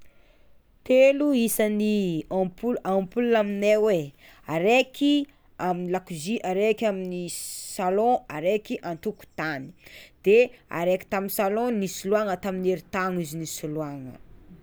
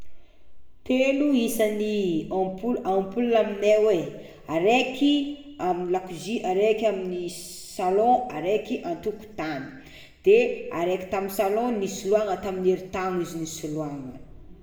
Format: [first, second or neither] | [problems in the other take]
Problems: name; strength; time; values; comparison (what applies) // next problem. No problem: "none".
first | room echo; dies away in 0.9 s